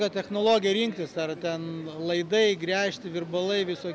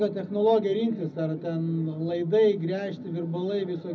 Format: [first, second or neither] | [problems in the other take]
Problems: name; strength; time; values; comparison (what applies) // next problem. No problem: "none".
first | room echo; dies away in 0.4 s